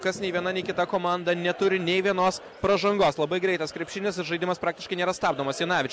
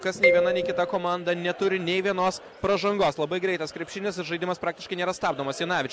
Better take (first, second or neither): first